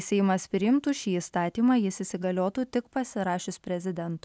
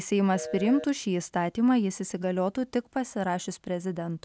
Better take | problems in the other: first | background sound (Telephone); 11 dB below the speech

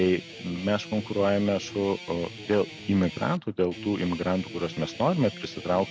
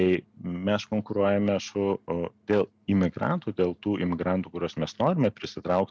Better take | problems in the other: second | background sound (Guitar); 15 dB below the speech

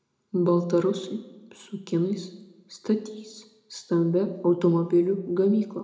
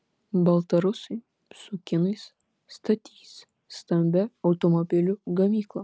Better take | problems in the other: second | room echo; dies away in 0.6 s

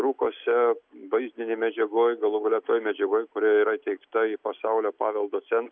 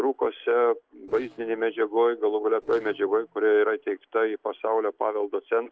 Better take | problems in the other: first | noise reduction (neural separator model SepFormer DNS4)

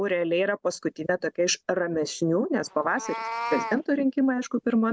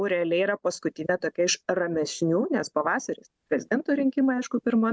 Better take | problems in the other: second | background sound (Meow); 13 dB below the speech

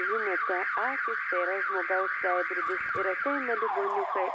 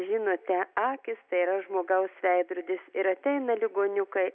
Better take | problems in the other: second | background sound (Alarm); 2 dB above the speech

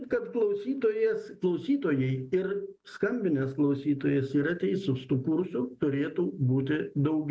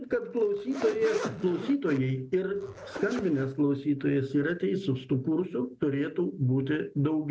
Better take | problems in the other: first | background sound (Zipper (clothing)); 11 dB below the speech

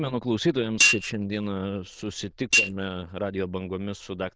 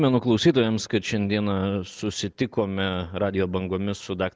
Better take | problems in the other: second | noise reduction (neural diffusion model UNIVERSE++)

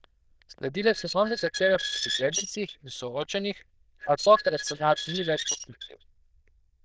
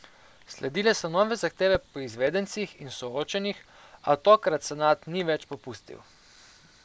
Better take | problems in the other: second | noise reduction (neural diffusion model UNIVERSE++)

